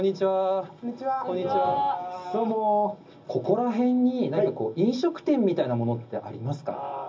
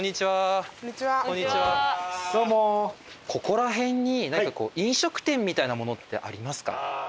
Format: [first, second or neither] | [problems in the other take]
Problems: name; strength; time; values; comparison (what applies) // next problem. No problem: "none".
second | room echo; dies away in 0.4 s